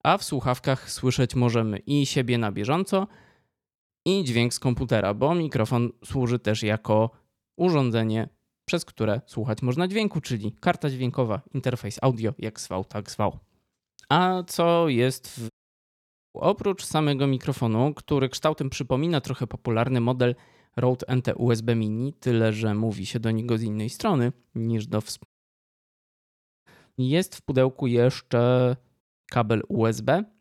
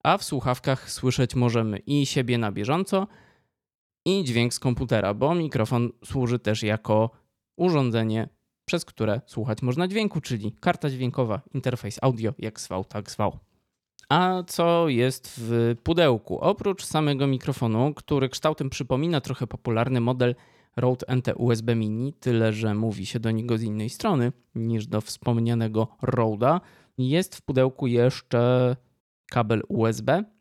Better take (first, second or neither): second